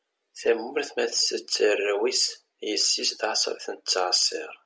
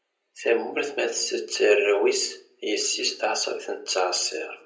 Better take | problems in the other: first | room echo; dies away in 0.4 s

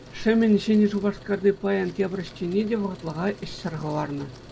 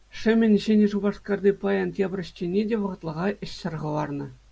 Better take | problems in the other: second | background sound (Truck); 20 dB below the speech

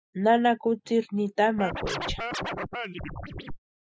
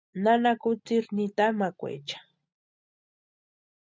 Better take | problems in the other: second | noise reduction (classical method Wiener filter)

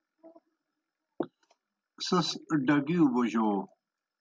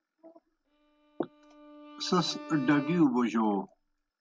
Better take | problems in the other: first | background sound (Bowed string instrument); 17 dB below the speech

